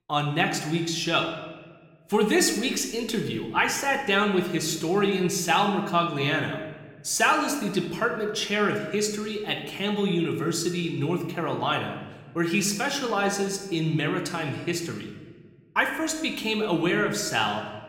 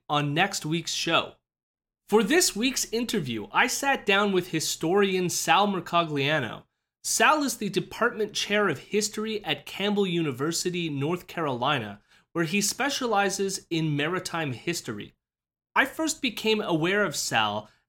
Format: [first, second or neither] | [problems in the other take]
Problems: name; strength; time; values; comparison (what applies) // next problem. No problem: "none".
second | room echo; slight; dies away in 1 s